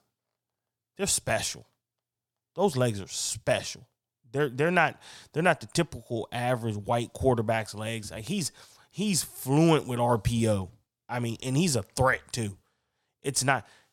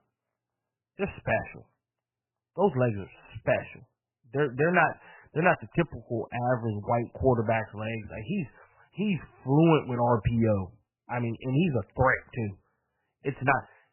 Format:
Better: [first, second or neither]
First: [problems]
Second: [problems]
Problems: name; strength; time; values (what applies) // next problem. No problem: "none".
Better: first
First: none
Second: garbled, watery; badly; nothing above 3 kHz